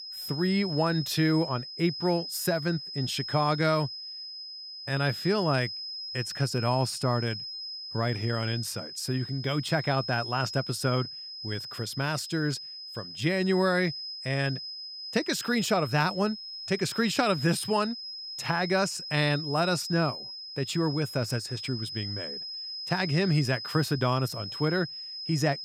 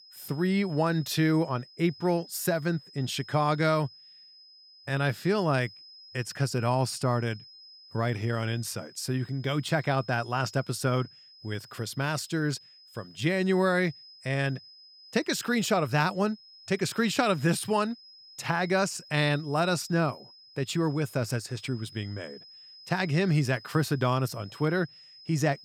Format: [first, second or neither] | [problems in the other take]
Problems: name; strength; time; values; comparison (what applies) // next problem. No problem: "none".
second | high-pitched whine; loud; throughout; 5 kHz, 7 dB below the speech; faint in the second